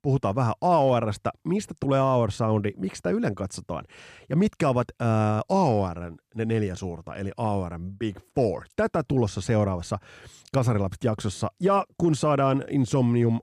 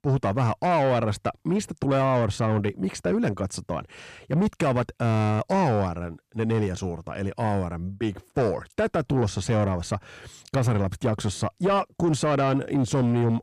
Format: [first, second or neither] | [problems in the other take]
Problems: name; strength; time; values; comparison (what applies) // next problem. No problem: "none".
first | distortion; slight; 10 dB below the speech